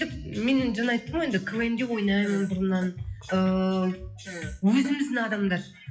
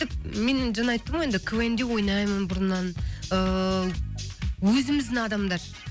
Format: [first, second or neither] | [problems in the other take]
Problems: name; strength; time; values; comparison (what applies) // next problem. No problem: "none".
second | noise reduction (classical method WPE with log-MMSE)